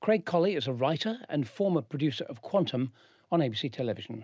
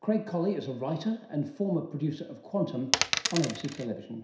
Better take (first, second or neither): first